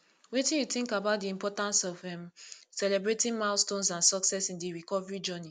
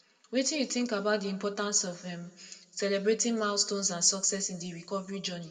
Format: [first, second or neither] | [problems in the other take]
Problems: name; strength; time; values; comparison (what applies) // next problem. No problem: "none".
first | room echo; dies away in 1.1 s